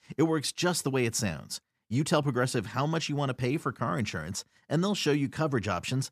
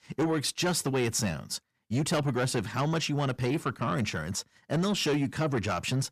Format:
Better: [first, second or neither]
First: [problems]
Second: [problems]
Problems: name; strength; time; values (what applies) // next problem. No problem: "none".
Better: first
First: none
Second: distortion; slight; 10 dB below the speech